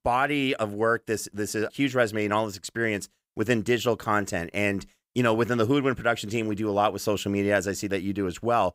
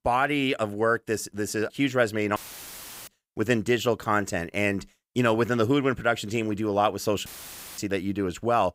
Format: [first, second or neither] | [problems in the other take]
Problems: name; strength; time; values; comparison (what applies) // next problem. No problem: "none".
first | audio cutting out; filled with static; at 2.5 s for 0.5 s and at 7.5 s for 0.5 s